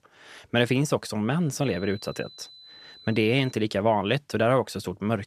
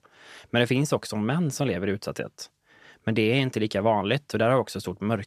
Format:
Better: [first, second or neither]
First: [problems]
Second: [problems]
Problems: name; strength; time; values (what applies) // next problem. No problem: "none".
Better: second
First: high-pitched whine; faint; from 1.5 to 3.5 s; 4 kHz, 20 dB below the speech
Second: none